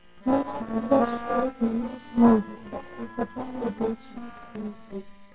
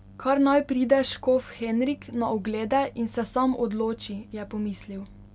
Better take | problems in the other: second | noise reduction (neural separator model SepFormer WHAMR!)

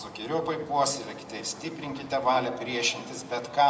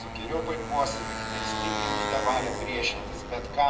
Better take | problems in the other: first | background sound (Motorcycle); 2 dB below the speech // room echo; dies away in 0.2 s

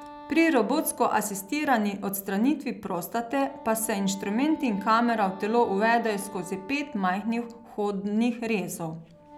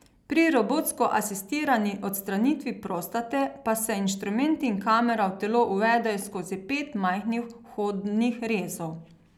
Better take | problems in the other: second | background sound (Wind instrument, woodwind instrument); 19 dB below the speech

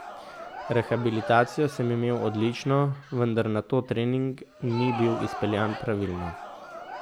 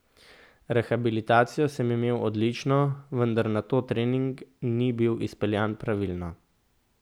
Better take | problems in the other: second | background sound (Crowd); 12 dB below the speech

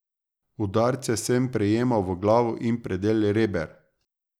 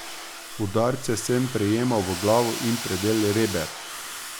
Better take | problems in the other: first | background sound (Domestic sounds, home sounds); 9 dB below the speech

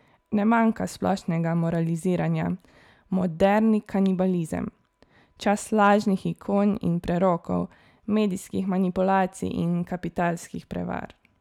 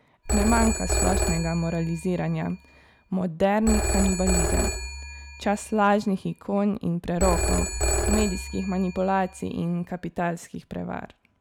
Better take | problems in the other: first | background sound (Telephone); 2 dB below the speech

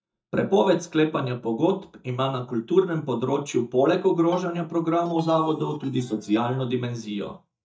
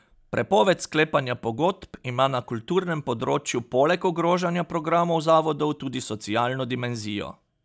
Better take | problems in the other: second | noise reduction (neural mask model DeepFilterNet 3)

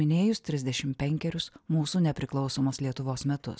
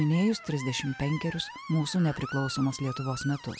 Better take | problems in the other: first | background sound (Screech); 13 dB below the speech

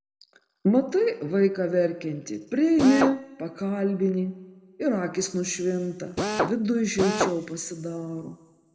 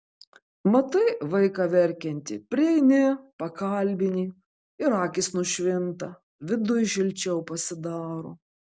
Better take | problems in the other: second | background sound (Drill); 3 dB below the speech // room echo; dies away in 1.3 s

